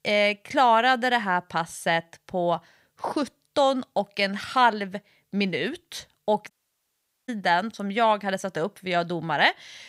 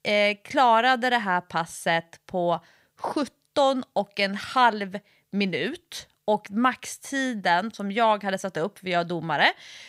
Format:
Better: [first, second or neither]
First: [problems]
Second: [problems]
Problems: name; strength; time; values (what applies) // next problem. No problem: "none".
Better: second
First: audio cutting out; at 6.5 s for 1 s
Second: none